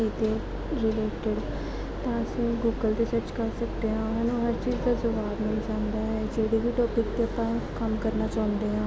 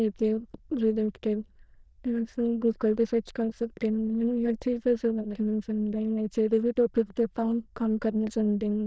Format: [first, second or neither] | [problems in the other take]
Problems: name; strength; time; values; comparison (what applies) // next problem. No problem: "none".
first | noise reduction (neural diffusion model UNIVERSE++)